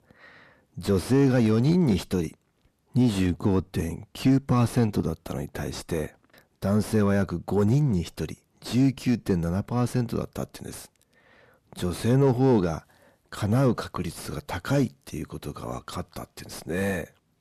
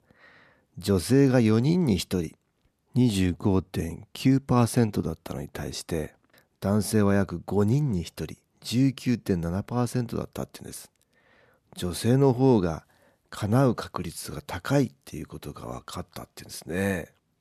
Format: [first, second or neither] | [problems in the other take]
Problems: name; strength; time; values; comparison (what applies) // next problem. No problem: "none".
second | distortion; slight; 10 dB below the speech